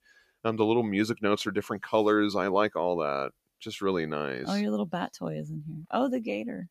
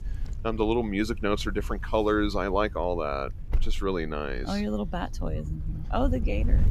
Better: first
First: none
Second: wind noise on the microphone; occasional gusts; 20 dB below the speech

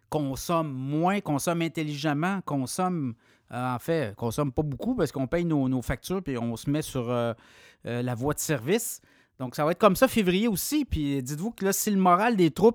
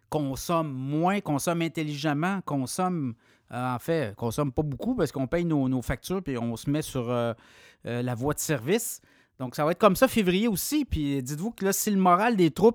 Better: neither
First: none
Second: none

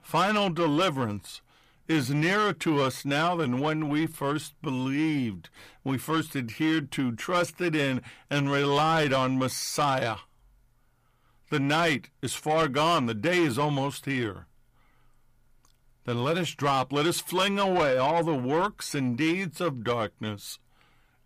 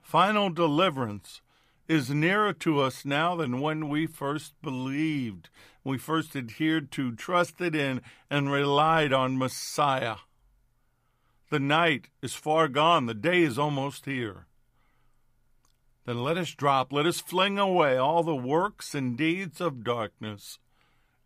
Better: second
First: distortion; slight; 10 dB below the speech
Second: none

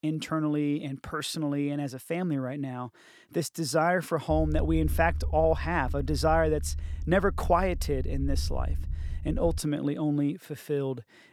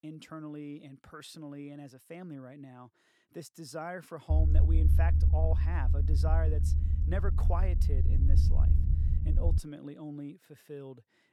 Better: first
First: low rumble; faint; from 4.5 to 9.5 s; 25 dB below the speech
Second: low rumble; loud; from 4.5 to 9.5 s; 3 dB below the speech

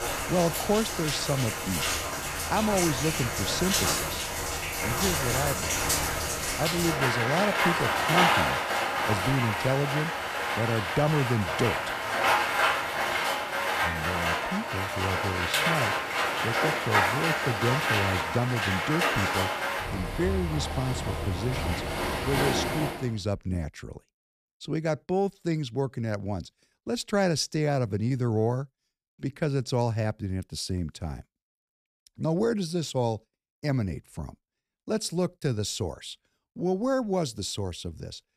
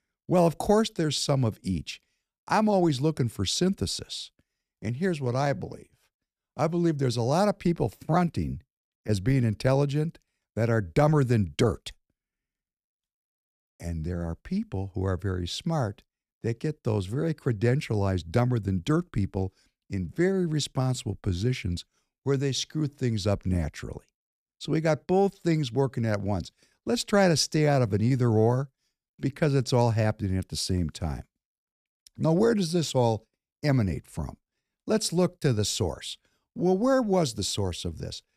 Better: second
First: rain or running water; very loud; until 23 s; 3 dB above the speech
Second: none

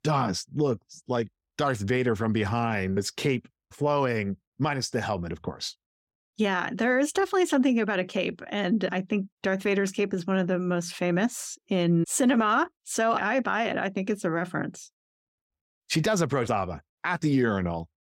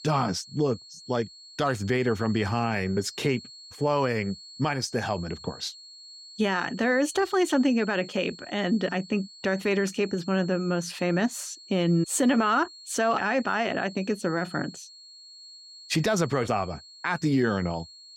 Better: first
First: none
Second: high-pitched whine; noticeable; throughout; 4.5 kHz, 15 dB below the speech

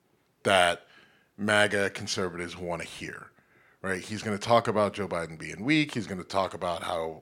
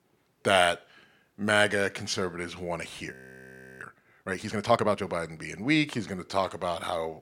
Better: first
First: none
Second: audio freezing; at 3 s for 0.5 s

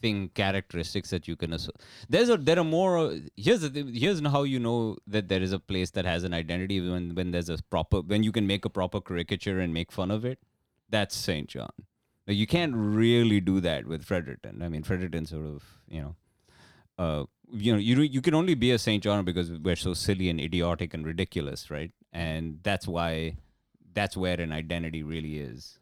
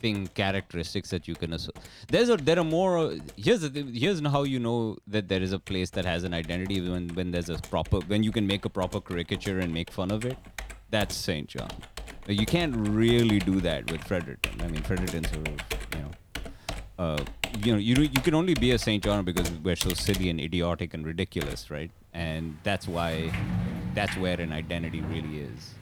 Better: first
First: none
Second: household noises; loud; throughout; 9 dB below the speech

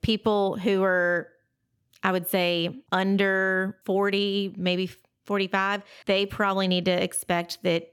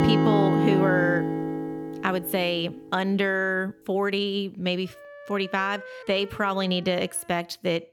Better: first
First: none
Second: background music; very loud; throughout; 1 dB above the speech

